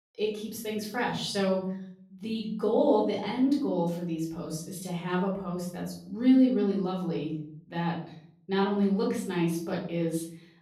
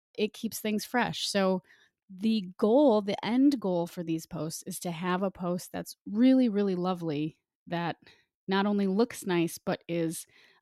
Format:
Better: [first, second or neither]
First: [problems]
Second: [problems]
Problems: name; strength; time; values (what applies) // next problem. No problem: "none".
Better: second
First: off-mic speech; far // room echo; slight; dies away in 0.6 s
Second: none